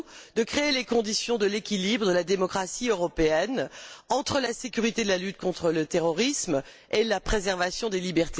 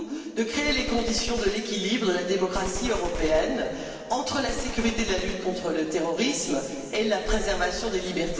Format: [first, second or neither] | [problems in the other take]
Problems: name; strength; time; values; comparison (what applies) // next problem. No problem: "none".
first | background sound (Gunshot, gunfire); 9 dB below the speech // room echo; dies away in 2.4 s